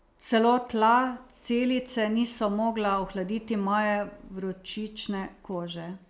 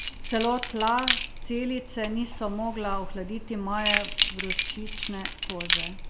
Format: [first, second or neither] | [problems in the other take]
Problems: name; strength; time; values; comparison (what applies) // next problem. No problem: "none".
first | background sound (Keys jangling); as loud as the speech